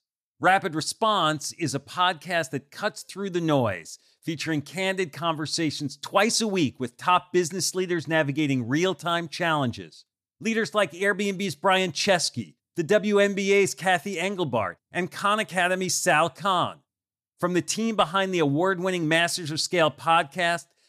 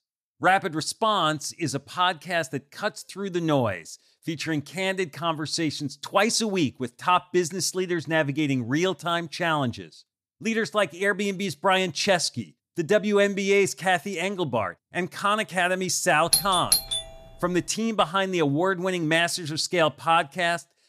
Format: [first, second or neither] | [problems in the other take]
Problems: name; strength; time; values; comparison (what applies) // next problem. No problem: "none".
first | doorbell; loud; at 16 s; peak 3 dB above the speech